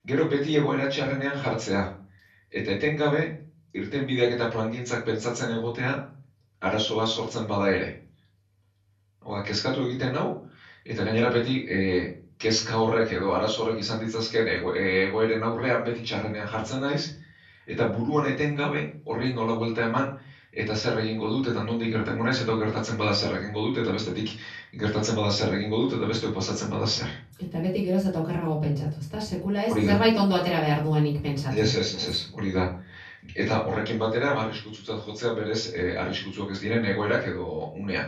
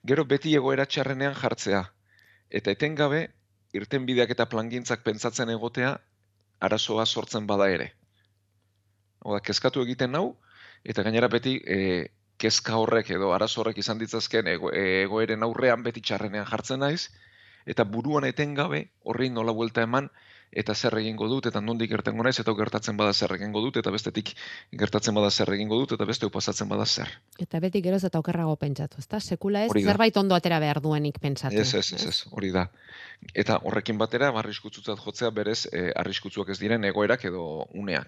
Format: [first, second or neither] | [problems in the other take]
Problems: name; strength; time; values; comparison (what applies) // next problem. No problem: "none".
second | off-mic speech; far // room echo; slight; dies away in 0.4 s